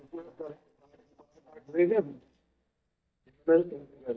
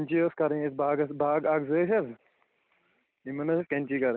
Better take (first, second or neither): second